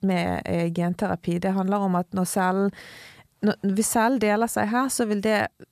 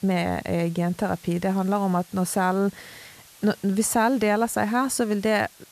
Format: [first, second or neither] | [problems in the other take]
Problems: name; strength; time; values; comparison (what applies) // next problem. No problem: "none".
first | hiss; faint; throughout; 25 dB below the speech